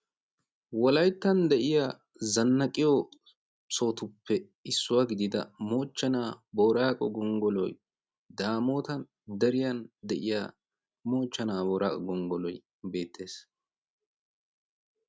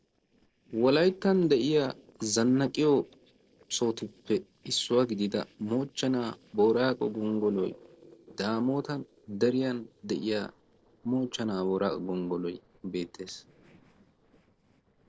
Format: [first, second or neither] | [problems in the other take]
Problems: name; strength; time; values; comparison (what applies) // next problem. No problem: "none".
first | noise reduction (neural separator model SepFormer DNS4)